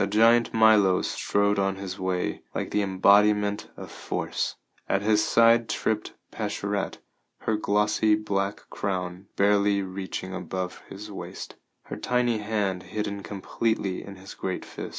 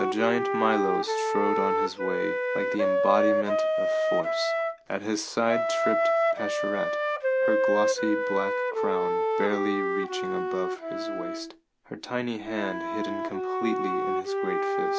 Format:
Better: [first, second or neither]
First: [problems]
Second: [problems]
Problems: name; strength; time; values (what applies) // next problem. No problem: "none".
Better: first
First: none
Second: background sound (Wind instrument, woodwind instrument); 4 dB above the speech